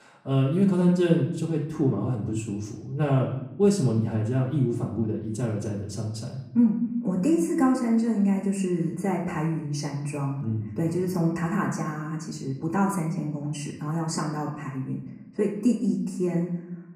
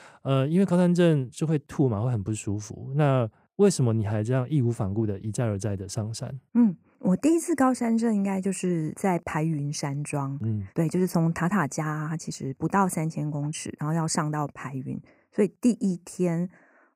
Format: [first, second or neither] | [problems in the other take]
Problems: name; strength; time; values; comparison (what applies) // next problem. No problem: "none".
second | off-mic speech; far // room echo; slight; dies away in 0.8 s